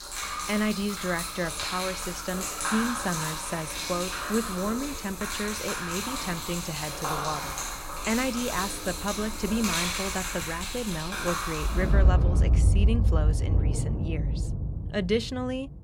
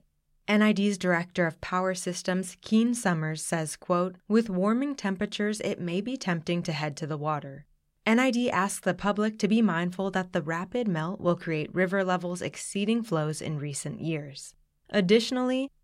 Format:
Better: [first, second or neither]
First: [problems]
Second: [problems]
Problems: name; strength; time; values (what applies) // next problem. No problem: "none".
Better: second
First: rain or running water; very loud; throughout; 3 dB above the speech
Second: none